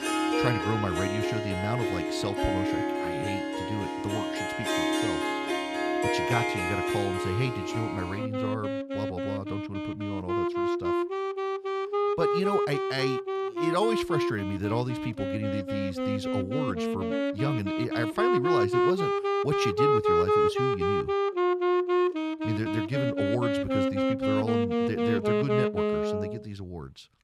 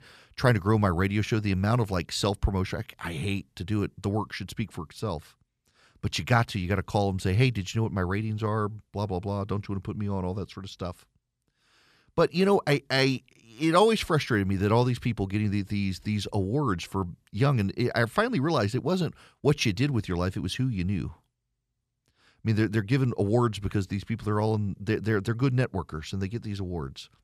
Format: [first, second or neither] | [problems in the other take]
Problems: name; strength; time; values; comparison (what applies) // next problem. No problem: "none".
second | background music; very loud; throughout; 5 dB above the speech